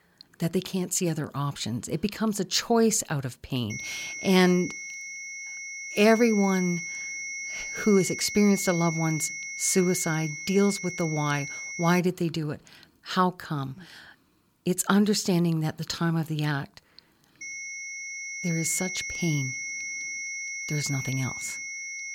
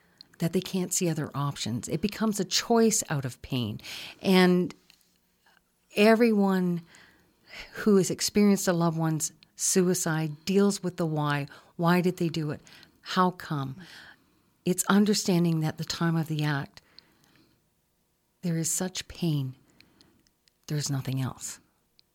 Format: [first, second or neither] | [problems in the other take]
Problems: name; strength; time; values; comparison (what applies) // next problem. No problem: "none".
second | high-pitched whine; loud; from 3.5 to 12 s and from 17 s on; 2 kHz, 7 dB below the speech